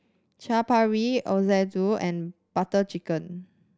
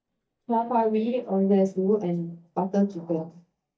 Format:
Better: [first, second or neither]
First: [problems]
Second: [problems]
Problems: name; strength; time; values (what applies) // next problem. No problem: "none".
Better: first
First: none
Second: noise reduction (neural mask model DeepFilterNet 3)